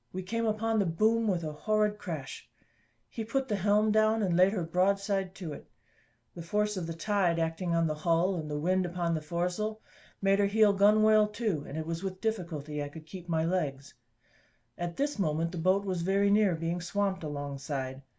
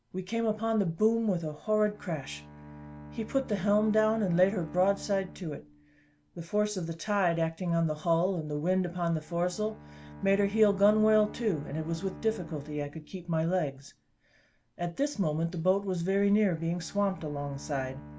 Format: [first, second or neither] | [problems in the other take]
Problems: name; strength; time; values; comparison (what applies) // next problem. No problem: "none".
first | background sound (Bowed string instrument); 19 dB below the speech